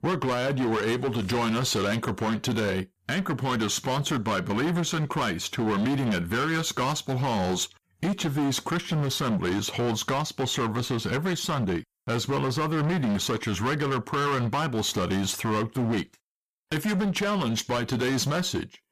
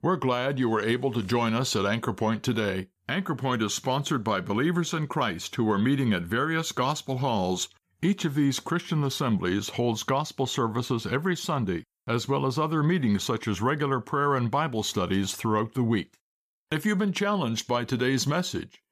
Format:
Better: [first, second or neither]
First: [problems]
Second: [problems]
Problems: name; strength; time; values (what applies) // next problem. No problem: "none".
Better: second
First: distortion; heavy; 24% of the sound clipped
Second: none